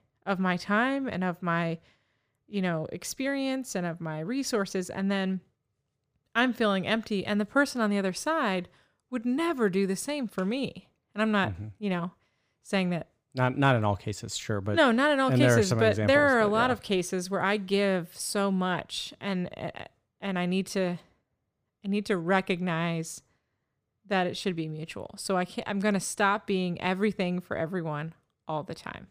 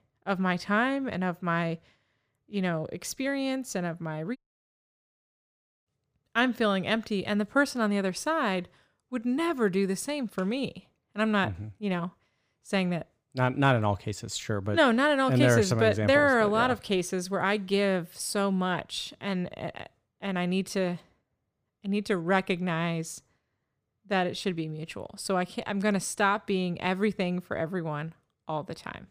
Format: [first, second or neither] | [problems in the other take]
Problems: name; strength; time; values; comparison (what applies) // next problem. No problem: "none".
first | audio cutting out; at 4.5 s for 1.5 s